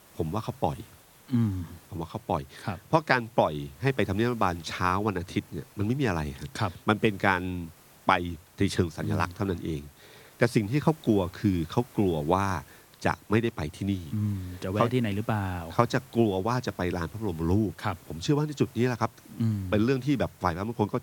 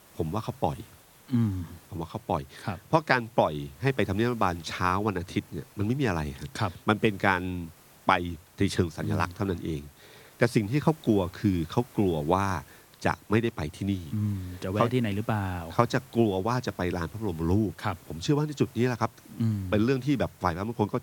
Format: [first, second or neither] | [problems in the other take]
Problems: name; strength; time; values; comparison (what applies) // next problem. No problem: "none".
neither | hiss; faint; throughout; 25 dB below the speech; the same in both